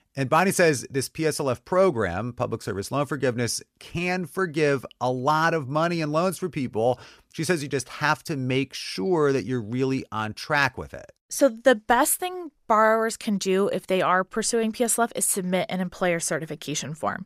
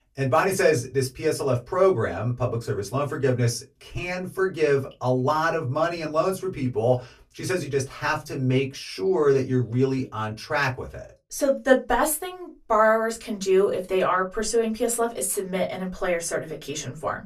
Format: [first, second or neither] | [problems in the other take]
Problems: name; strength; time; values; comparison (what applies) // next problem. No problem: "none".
first | off-mic speech; far // room echo; very slight; dies away in 0.2 s